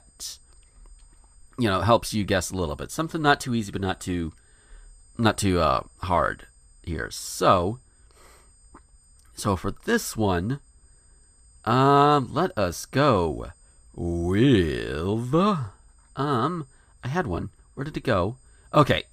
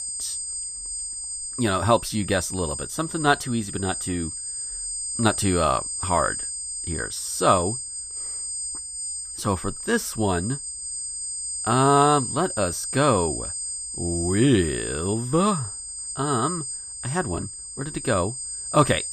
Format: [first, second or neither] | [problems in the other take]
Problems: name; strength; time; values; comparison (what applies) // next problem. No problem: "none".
first | high-pitched whine; loud; throughout; 8.5 kHz, 5 dB below the speech; faint in the first